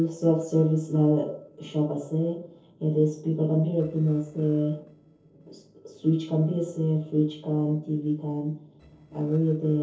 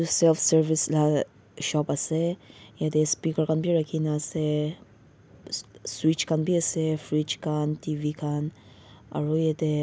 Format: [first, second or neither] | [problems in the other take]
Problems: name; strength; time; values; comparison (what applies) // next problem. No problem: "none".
second | noise reduction (neural separator model SepFormer DNS4)